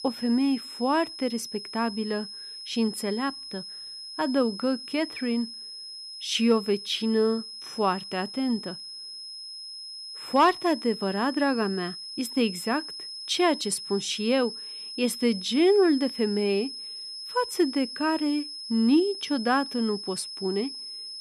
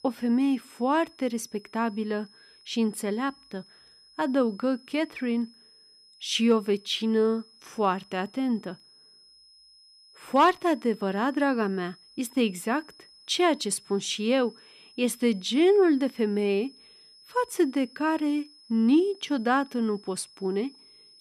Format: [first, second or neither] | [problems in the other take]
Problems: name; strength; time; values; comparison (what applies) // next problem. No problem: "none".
second | high-pitched whine; loud; throughout; 5 kHz, 10 dB below the speech; faint in the second